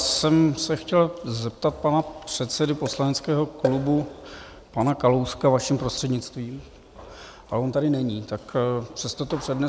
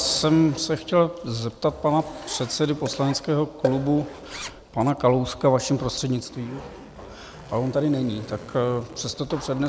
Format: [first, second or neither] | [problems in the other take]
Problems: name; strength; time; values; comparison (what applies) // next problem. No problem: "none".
first | background sound (Zipper (clothing)); 19 dB below the speech